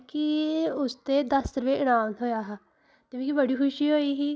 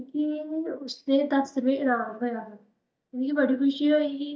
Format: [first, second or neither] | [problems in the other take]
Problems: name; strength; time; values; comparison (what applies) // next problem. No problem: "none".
first | noise reduction (neural mask model DeepFilterNet 3)